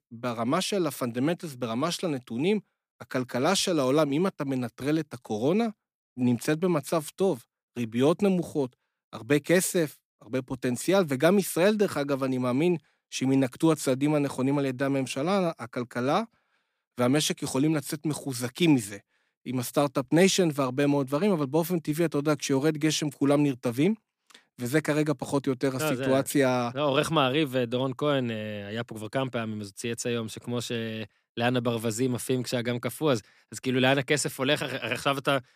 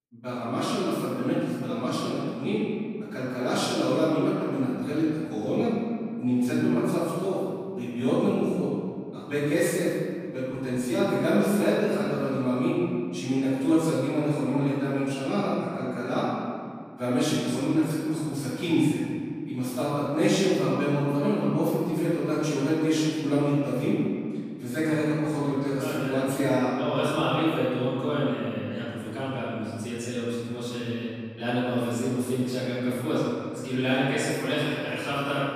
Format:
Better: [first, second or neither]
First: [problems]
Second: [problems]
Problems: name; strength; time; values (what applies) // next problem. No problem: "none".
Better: first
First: none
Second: off-mic speech; far // room echo; strong; dies away in 1.9 s